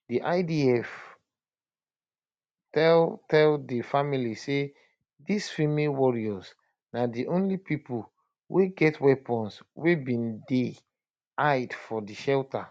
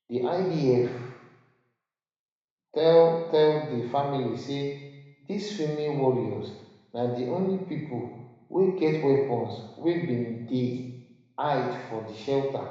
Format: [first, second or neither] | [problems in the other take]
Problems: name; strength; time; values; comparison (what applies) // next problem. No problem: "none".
first | room echo; dies away in 1 s